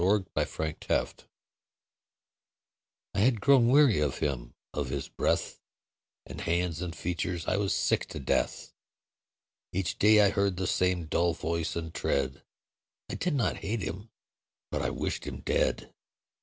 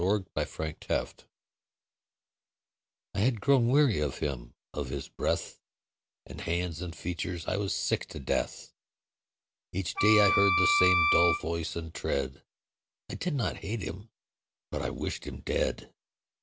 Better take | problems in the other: first | background sound (Wind instrument, woodwind instrument); 3 dB above the speech

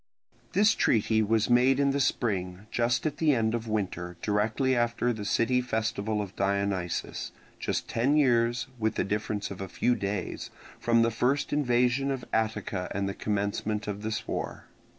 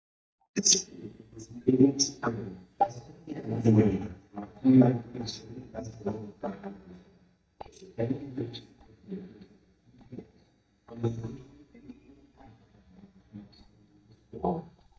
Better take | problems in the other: first | noise reduction (neural mask model DeepFilterNet 3)

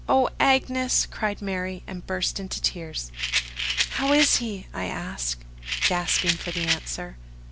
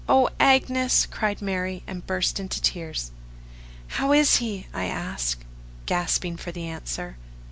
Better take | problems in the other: second | background sound (Rattle); 2 dB below the speech

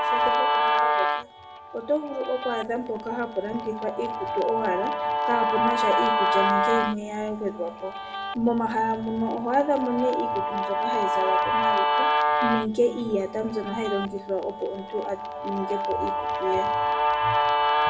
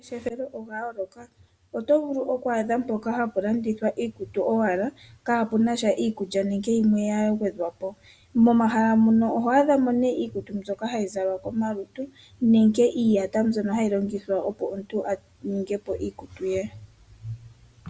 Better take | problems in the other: second | background sound (Guitar); 2 dB above the speech // room echo; dies away in 1.7 s

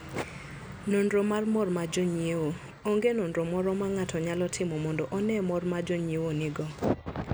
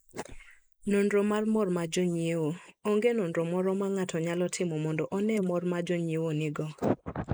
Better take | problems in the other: first | noise reduction (neural mask model Resemble Enhance denoiser)

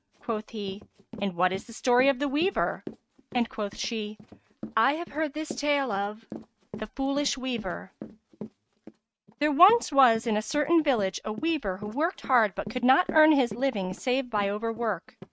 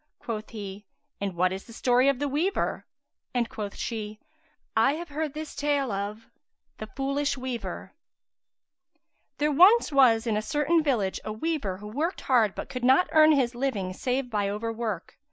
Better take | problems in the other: second | noise reduction (neural mask model RNNoise)

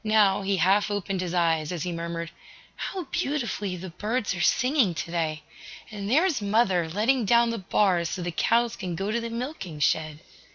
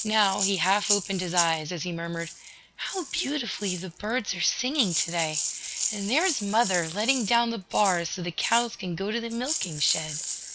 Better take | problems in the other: first | background sound (Rattle (instrument)); 6 dB below the speech

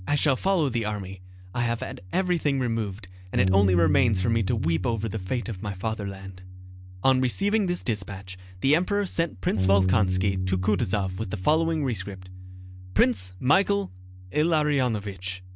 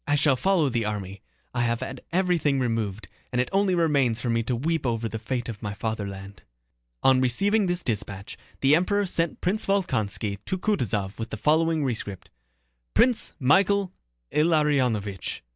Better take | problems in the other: second | background sound (Bass guitar); 5 dB below the speech

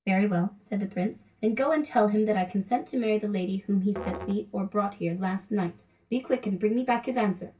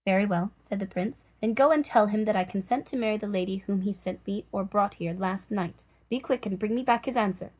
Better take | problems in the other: second | background sound (Musical instrument); 16 dB below the speech // room echo; dies away in 0.2 s

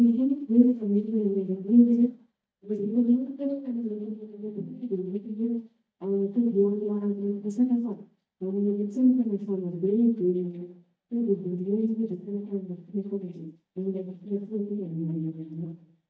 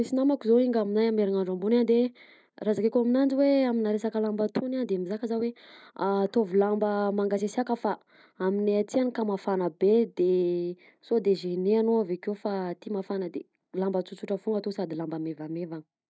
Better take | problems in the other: second | noise reduction (neural mask model DeepFilterNet 3)

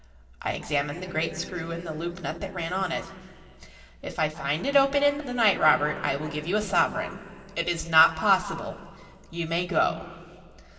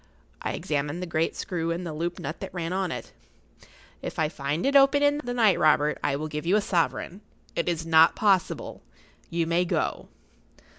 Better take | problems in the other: second | background sound (Electric guitar / Strum); 16 dB below the speech // room echo; dies away in 2.1 s

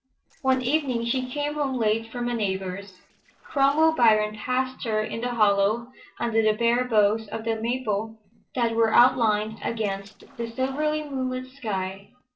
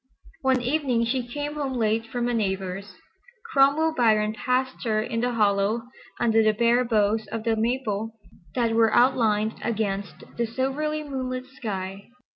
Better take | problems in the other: second | noise reduction (neural separator model SepFormer DNS4)

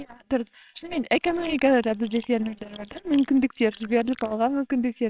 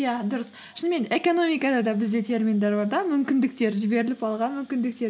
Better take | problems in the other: second | noise reduction (neural separator model SepFormer WHAMR!)

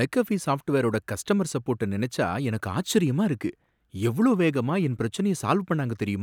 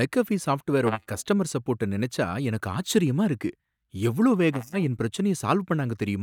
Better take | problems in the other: first | noise reduction (neural mask model DeepFilterNet 3)

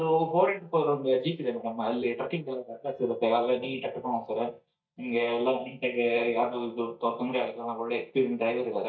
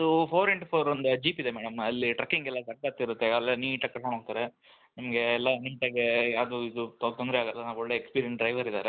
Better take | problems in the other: second | noise reduction (neural mask model DeepFilterNet 3)

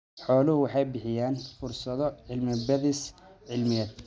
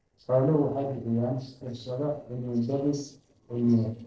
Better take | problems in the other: first | noise reduction (neural separator model SepFormer DNS4)

